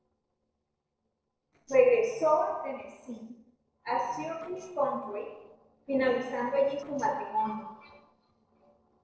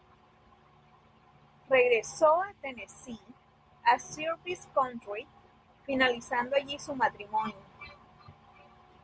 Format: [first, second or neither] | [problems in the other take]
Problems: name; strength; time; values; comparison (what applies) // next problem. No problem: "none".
second | noise reduction (neural separator model SepFormer DNS4)